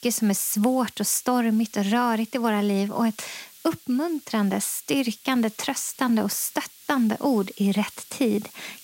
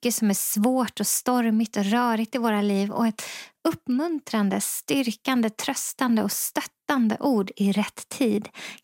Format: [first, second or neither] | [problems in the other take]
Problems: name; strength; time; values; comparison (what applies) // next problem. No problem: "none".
second | hiss; faint; throughout; 20 dB below the speech